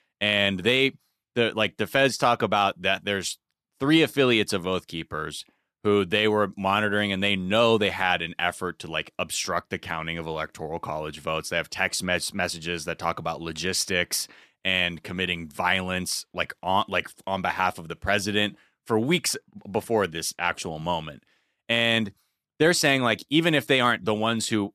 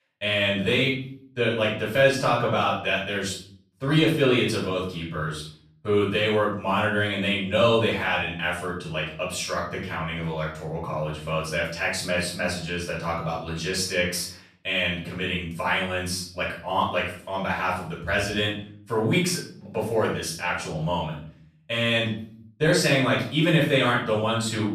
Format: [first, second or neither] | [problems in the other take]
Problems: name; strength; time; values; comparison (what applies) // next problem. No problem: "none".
first | off-mic speech; far // room echo; noticeable; dies away in 0.6 s